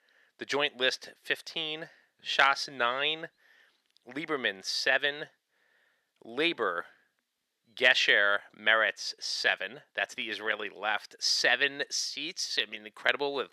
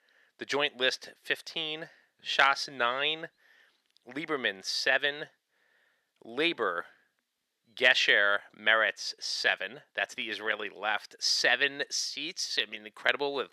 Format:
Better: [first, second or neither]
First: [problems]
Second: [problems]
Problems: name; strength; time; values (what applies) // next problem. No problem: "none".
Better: neither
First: thin; very; fading below 500 Hz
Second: thin; very; fading below 500 Hz